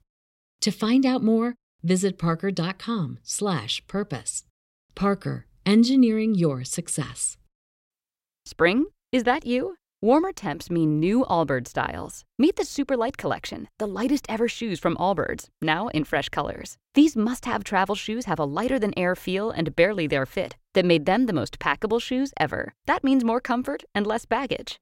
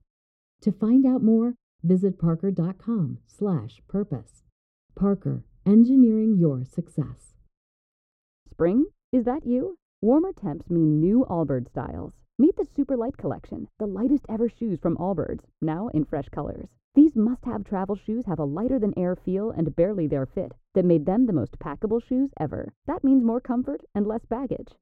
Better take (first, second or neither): first